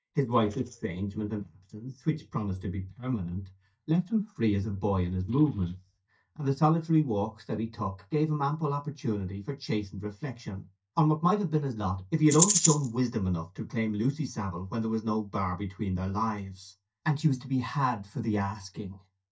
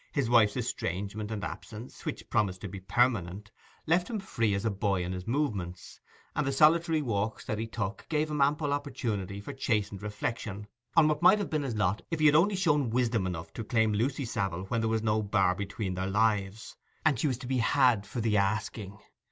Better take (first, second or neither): second